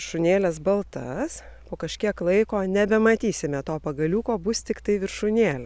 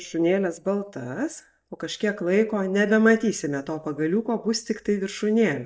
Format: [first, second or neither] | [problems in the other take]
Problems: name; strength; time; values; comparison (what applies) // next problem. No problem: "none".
first | noise reduction (neural mask model DeepFilterNet 3)